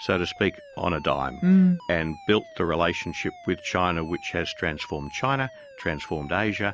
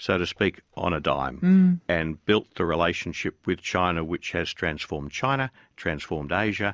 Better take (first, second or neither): second